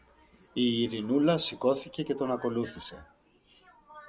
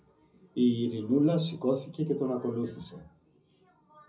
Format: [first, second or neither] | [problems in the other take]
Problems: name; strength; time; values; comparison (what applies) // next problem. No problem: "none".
first | room echo; dies away in 0.4 s